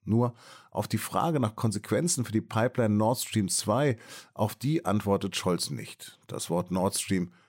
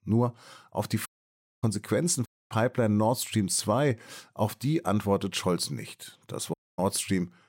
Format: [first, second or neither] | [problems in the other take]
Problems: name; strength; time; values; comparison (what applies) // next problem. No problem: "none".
first | audio cutting out; at 1 s for 0.5 s, at 2.5 s and at 6.5 s